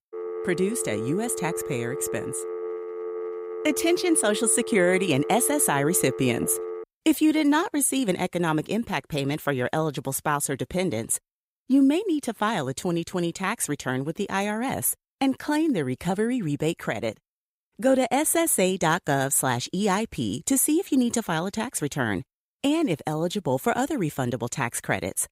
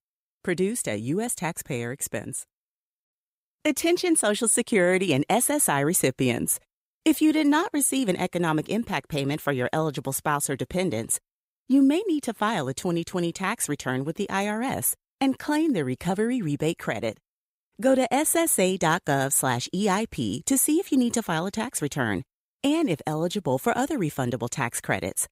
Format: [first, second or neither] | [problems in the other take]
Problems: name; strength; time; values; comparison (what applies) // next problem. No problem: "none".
second | phone ringing; noticeable; until 7 s; peak 8 dB below the speech